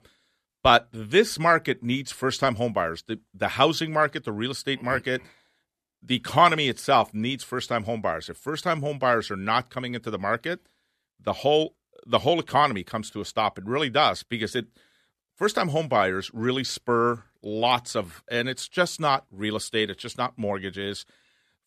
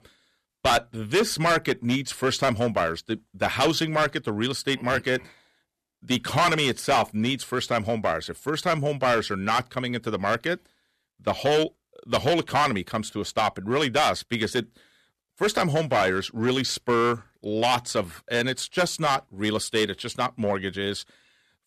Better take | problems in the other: first | distortion; heavy; 6% of the sound clipped

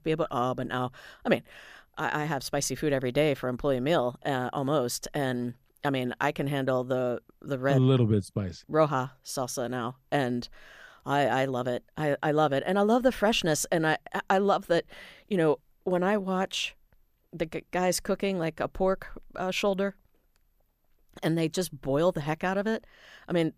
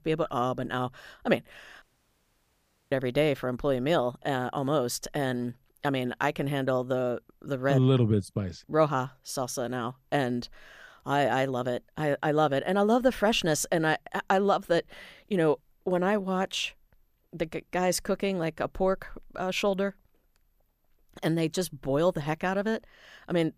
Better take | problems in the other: first | audio cutting out; at 2 s for 1 s

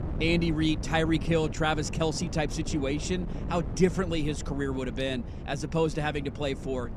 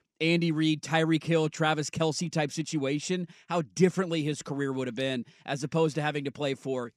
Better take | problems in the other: second | wind noise on the microphone; occasional gusts; 15 dB below the speech

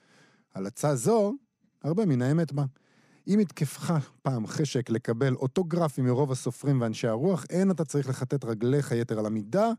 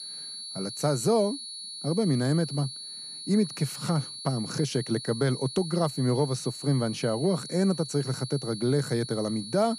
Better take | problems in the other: first | high-pitched whine; loud; throughout; 4.5 kHz, 9 dB below the speech

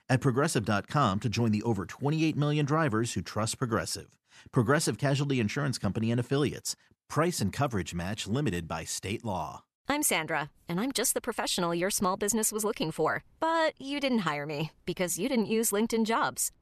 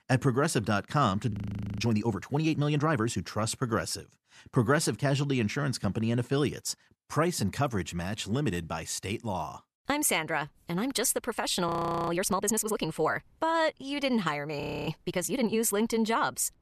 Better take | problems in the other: first | audio freezing; at 1.5 s, at 12 s and at 15 s

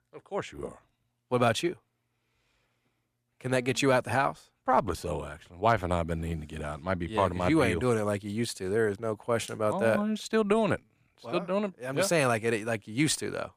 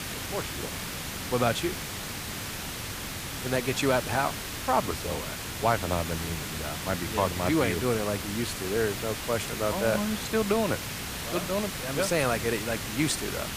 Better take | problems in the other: first | hiss; loud; throughout; 4 dB below the speech

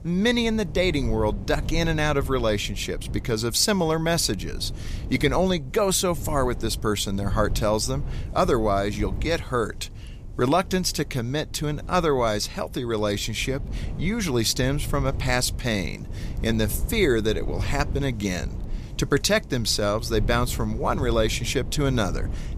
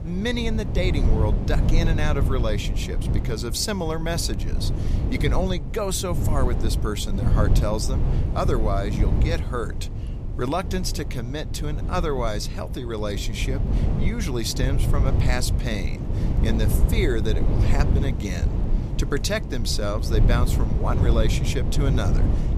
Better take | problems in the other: first | low rumble; loud; throughout; 7 dB below the speech; faint in the first

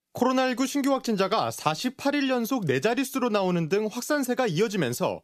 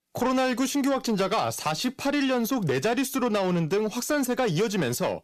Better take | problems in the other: first | distortion; slight; 10 dB below the speech

